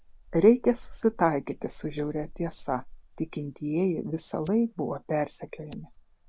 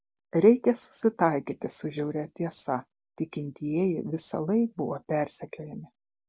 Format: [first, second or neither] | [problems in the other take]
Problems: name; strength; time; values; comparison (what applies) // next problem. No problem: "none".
second | background sound (Fire); 18 dB below the speech